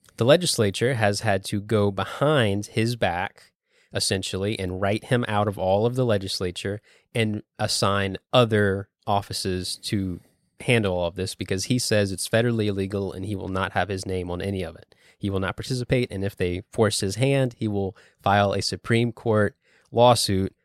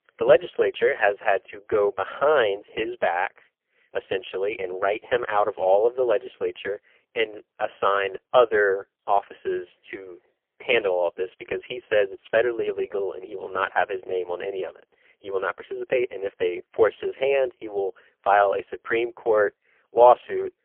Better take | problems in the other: first | phone-call audio; poor line; nothing above 3.5 kHz

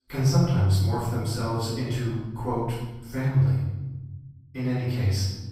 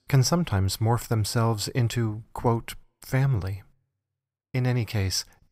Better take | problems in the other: second | room echo; strong; dies away in 1.3 s // off-mic speech; far

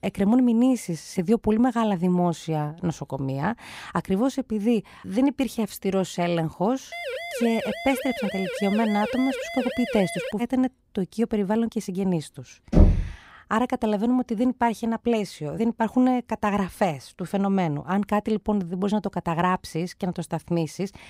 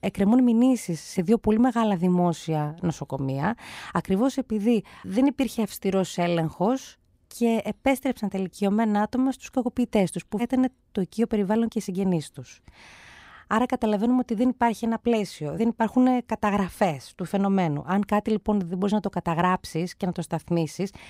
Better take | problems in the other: second | siren; noticeable; from 7 to 10 s; peak 6 dB below the speech // door banging; loud; at 13 s; peak 5 dB above the speech

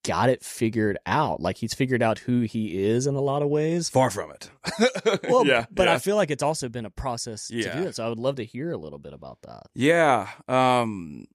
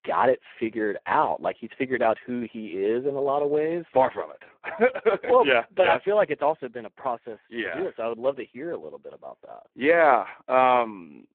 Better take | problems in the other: first | phone-call audio; poor line

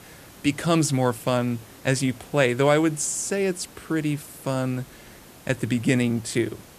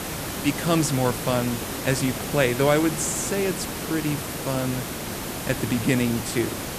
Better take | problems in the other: first | hiss; loud; throughout; 5 dB below the speech; faint in the first

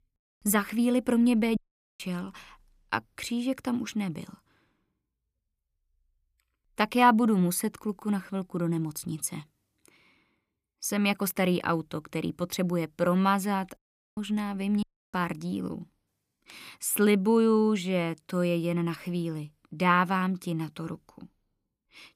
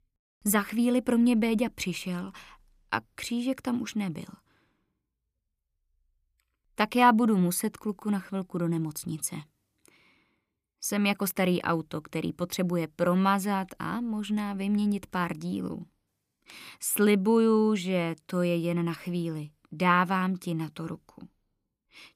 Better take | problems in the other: second | audio cutting out; at 1.5 s, at 14 s and at 15 s

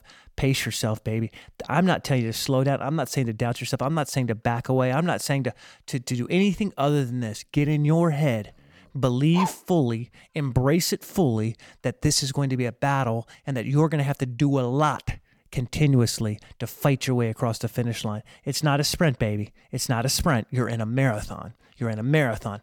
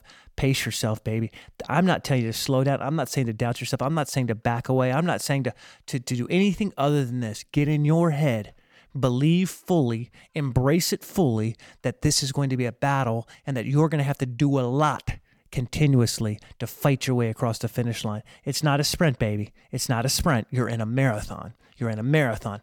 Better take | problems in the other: second | dog barking; noticeable; at 9.5 s; peak 6 dB below the speech

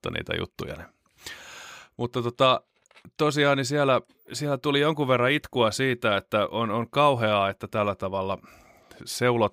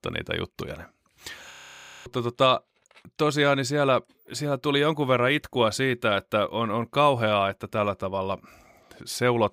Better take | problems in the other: first | audio freezing; at 1.5 s for 0.5 s

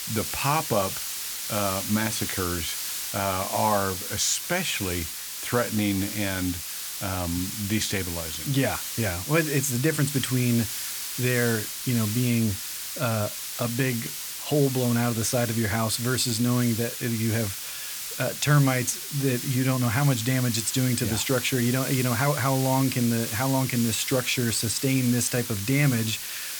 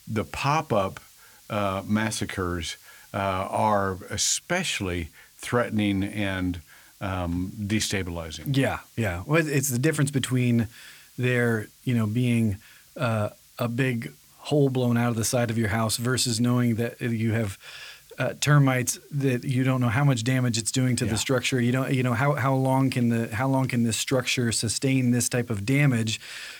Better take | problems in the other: second | hiss; loud; throughout; 5 dB below the speech; faint in the second

